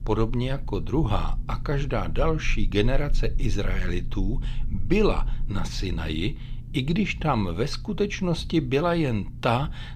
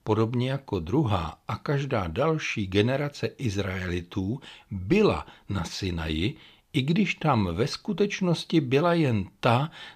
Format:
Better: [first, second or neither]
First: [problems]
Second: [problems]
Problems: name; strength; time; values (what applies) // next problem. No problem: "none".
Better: second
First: low rumble; faint; throughout; 20 dB below the speech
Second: none